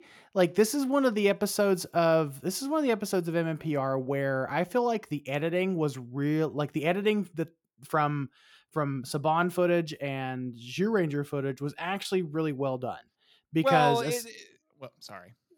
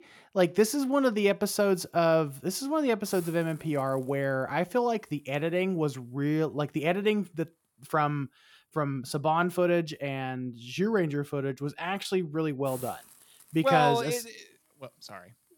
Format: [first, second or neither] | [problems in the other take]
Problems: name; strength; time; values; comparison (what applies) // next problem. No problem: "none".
first | hiss; faint; throughout; 20 dB below the speech